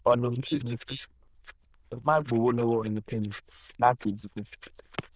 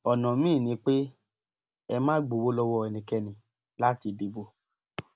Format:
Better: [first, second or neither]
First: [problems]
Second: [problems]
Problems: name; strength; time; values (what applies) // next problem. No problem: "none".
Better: second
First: noise reduction (neural diffusion model UNIVERSE++)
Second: none